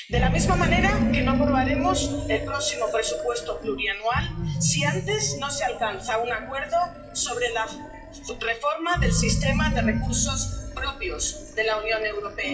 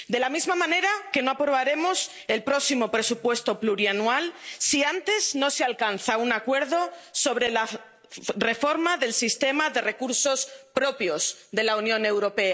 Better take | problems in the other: second | noise reduction (classical method WPE with log-MMSE)

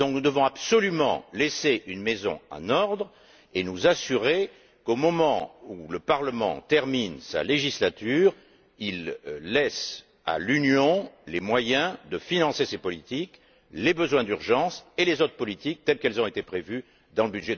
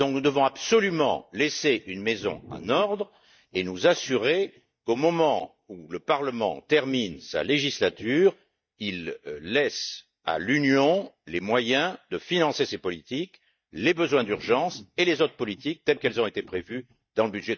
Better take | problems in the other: first | noise reduction (neural mask model DeepFilterNet 3)

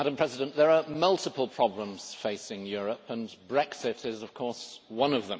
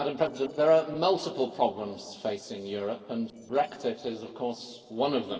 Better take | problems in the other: first | noise reduction (neural separator model SepFormer DNS4)

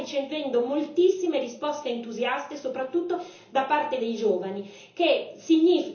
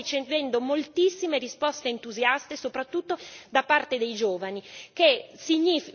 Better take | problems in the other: second | room echo; dies away in 0.8 s

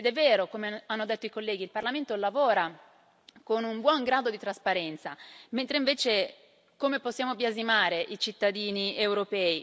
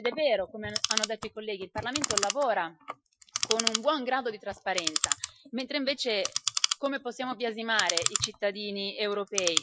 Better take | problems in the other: first | noise reduction (classical method Wiener filter)

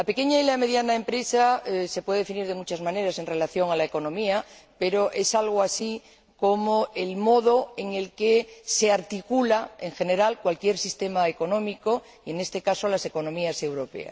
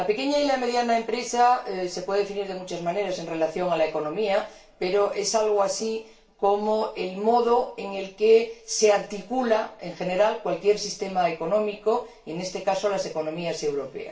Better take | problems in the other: first | room echo; dies away in 0.3 s

